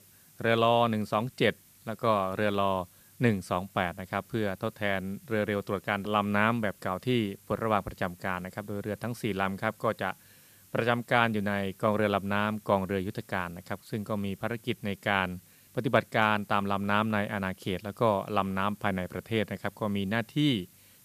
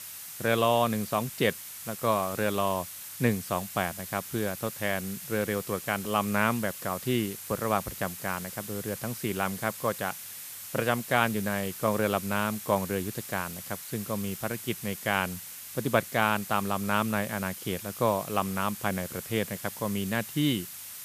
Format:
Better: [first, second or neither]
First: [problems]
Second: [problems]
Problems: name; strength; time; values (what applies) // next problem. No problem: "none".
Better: first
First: hiss; faint; throughout; 25 dB below the speech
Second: hiss; loud; throughout; 9 dB below the speech